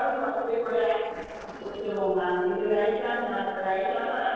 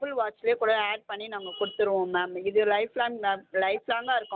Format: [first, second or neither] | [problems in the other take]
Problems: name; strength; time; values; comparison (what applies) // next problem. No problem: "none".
second | noise reduction (neural separator model SepFormer DNS4)